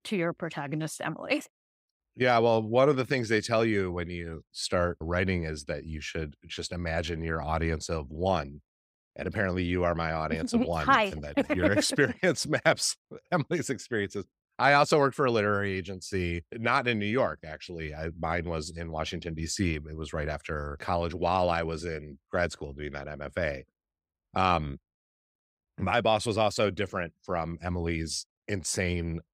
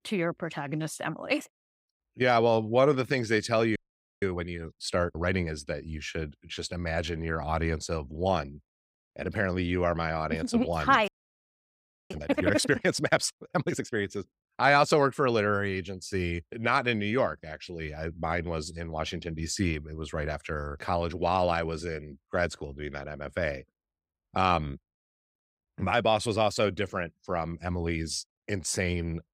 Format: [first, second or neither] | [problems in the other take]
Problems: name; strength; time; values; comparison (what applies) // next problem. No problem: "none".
first | audio freezing; at 4 s and at 11 s for 1 s